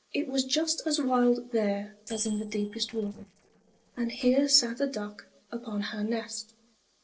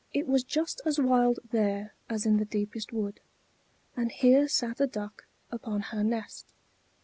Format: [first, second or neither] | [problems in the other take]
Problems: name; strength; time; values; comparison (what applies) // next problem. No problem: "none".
second | noise reduction (neural separator model SepFormer DNS4)